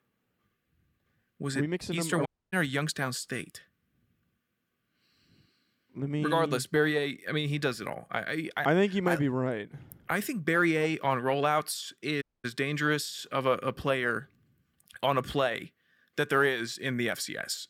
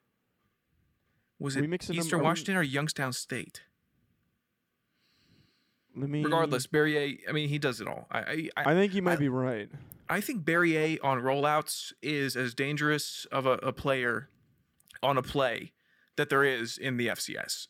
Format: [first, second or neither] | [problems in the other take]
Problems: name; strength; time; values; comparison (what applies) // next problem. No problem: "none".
second | audio cutting out; at 2.5 s and at 12 s